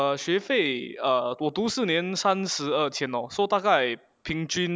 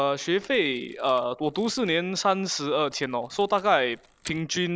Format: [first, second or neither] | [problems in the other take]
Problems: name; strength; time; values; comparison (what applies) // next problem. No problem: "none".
first | noise reduction (neural separator model SepFormer DNS4)